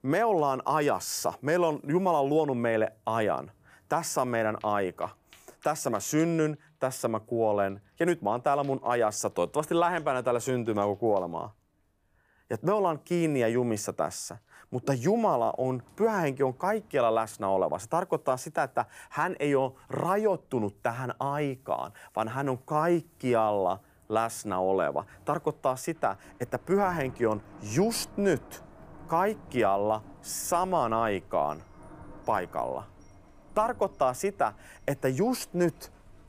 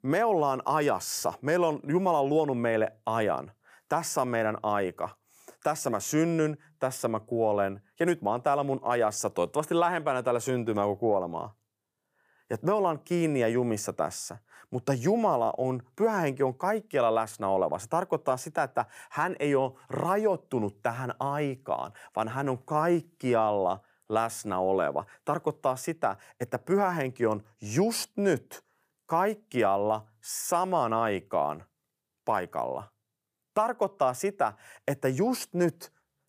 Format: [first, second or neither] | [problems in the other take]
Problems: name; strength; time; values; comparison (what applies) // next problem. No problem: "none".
second | rain or running water; faint; throughout; 25 dB below the speech